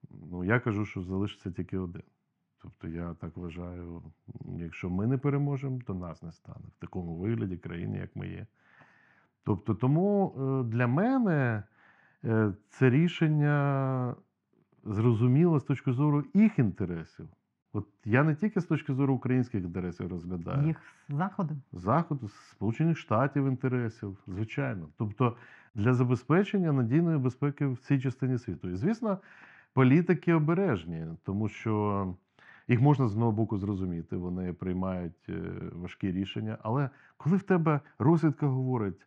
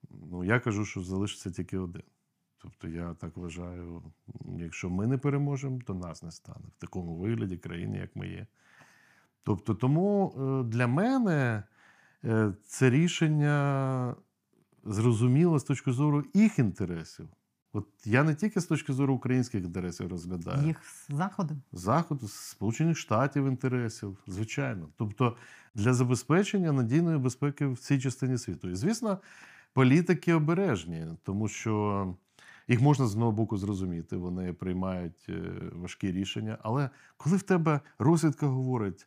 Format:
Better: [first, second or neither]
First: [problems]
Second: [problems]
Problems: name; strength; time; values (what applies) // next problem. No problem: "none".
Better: second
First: muffled; very; fading above 2.5 kHz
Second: none